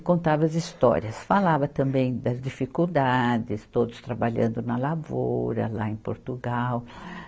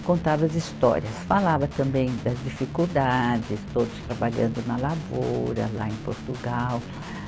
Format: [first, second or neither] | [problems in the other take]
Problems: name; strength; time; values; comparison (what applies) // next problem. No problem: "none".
first | background sound (Guitar); 11 dB below the speech